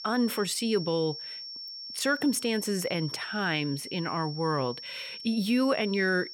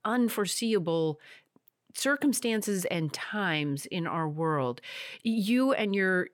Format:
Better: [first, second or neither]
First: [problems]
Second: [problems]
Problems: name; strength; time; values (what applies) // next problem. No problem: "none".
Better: second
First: high-pitched whine; loud; throughout; 5.5 kHz, 10 dB below the speech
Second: none